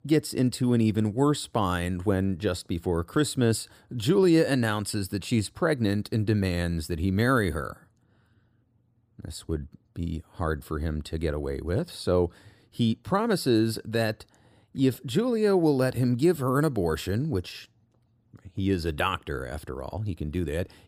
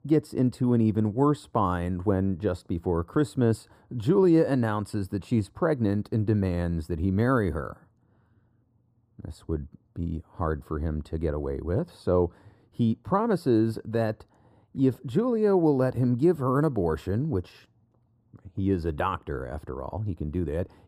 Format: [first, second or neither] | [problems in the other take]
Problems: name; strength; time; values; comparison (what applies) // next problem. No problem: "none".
first | muffled; slightly; fading above 1.5 kHz